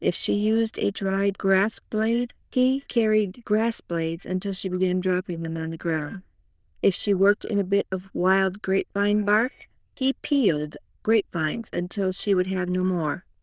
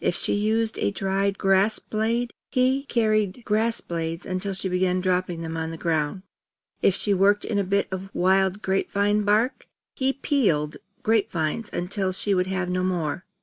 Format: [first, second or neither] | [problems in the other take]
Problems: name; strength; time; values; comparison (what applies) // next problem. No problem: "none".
second | noise reduction (neural diffusion model UNIVERSE++)